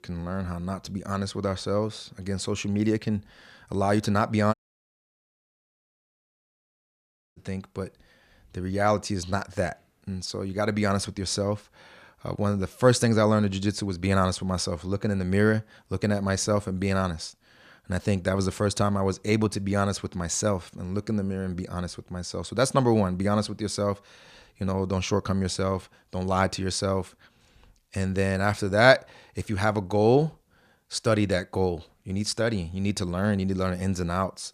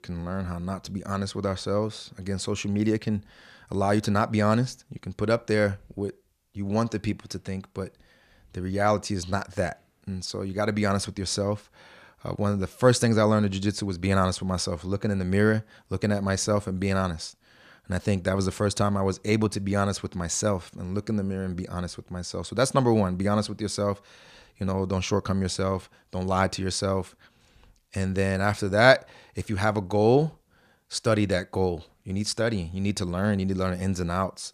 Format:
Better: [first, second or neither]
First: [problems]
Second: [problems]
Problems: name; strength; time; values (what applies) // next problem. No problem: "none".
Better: second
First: audio cutting out; at 4.5 s for 3 s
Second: none